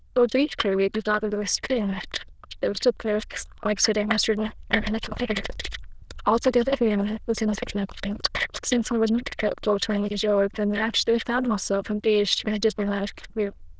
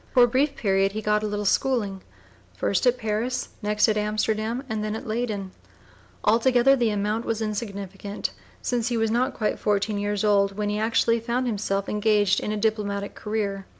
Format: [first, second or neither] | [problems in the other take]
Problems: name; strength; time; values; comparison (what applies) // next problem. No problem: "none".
second | noise reduction (neural diffusion model UNIVERSE++)